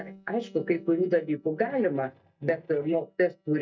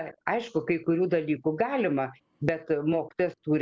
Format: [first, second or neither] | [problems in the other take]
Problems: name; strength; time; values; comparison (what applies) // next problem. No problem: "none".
second | noise reduction (neural mask model DeepFilterNet 3)